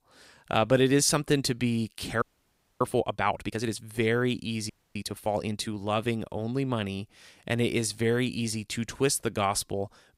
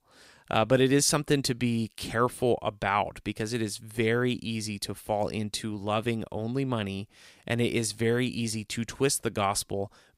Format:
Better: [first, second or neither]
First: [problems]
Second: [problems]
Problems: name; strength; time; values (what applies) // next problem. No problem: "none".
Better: second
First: audio freezing; at 2 s for 0.5 s and at 4.5 s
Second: none